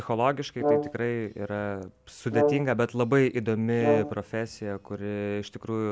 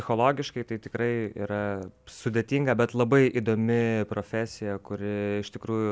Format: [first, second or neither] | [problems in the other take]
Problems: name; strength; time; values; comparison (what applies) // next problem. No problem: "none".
second | background sound (Brass instrument); 1 dB below the speech